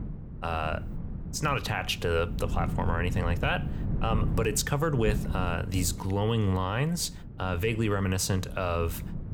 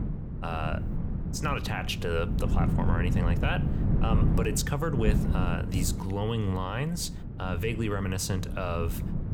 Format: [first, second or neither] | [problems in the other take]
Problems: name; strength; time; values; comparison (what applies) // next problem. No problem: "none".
first | wind noise on the microphone; heavy; 7 dB below the speech; occasional gusts in the first